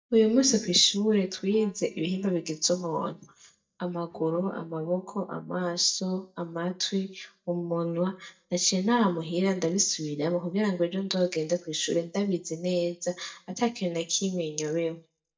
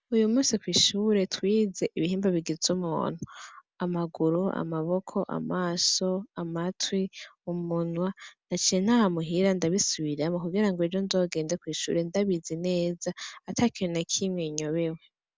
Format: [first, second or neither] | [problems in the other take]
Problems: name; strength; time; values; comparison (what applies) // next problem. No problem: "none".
second | noise reduction (neural mask model DeepFilterNet 3)